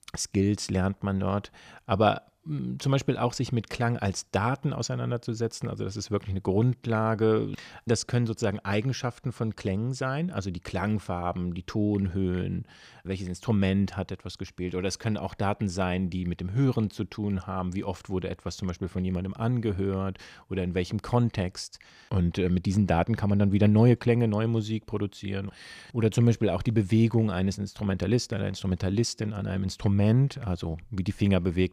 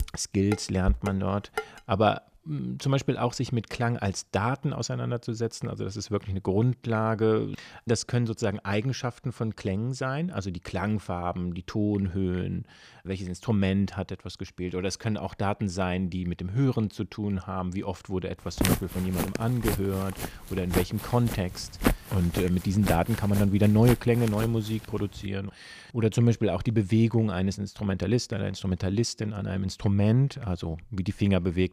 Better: first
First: none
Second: clattering dishes; noticeable; until 1.5 s; peak 3 dB below the speech // footsteps; loud; from 19 to 25 s; peak 1 dB above the speech

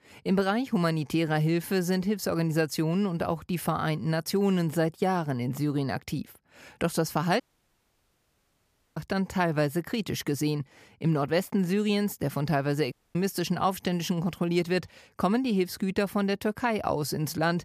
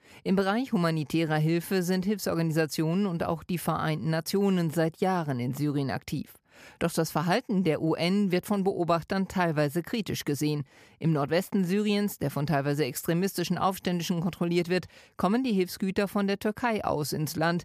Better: second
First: audio cutting out; at 7.5 s for 1.5 s and at 13 s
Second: none

